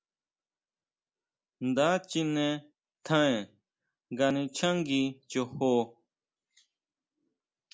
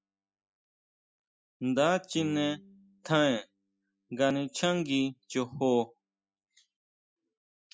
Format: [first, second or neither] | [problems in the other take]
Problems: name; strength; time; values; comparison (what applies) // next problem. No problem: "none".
first | noise reduction (classical method spectral subtraction)